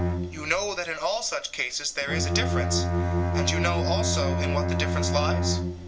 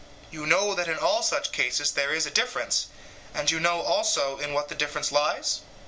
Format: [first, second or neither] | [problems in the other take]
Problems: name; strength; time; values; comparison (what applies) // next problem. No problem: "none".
second | background sound (Bowed string instrument); 3 dB above the speech